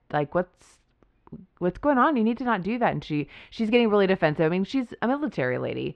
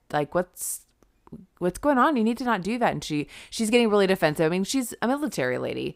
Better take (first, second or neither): second